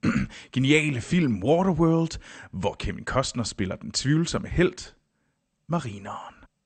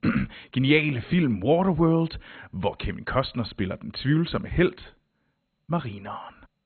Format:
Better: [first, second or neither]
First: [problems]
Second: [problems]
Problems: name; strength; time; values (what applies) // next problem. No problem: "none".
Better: first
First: garbled, watery; slightly; nothing above 8.5 kHz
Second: garbled, watery; badly; nothing above 4 kHz